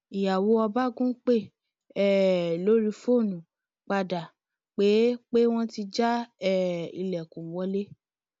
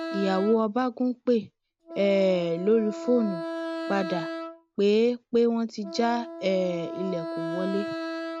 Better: first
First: none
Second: background sound (Wind instrument, woodwind instrument); 9 dB below the speech

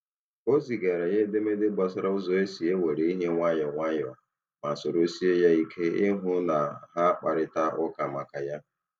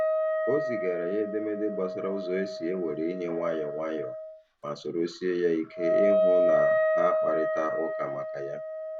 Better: first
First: none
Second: background sound (Wind instrument, woodwind instrument); 3 dB above the speech

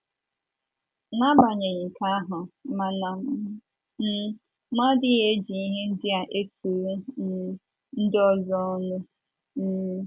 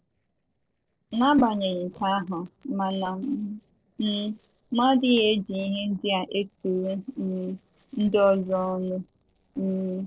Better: first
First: none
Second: noise reduction (neural separator model SepFormer DNS4)

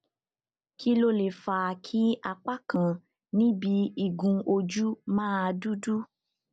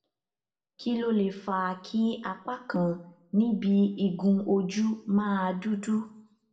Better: first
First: none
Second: room echo; dies away in 0.6 s

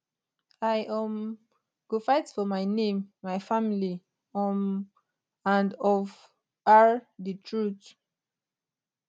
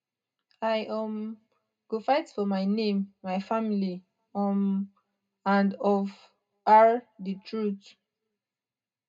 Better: first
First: none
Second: room echo; dies away in 0.2 s

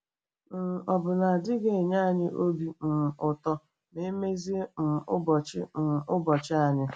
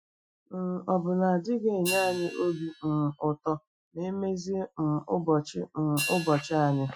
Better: first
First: none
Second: noise reduction (classical method Wiener filter)

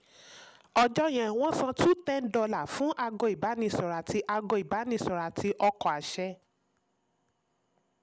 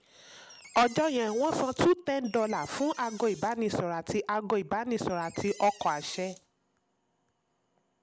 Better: first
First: none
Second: background sound (Door); 19 dB below the speech

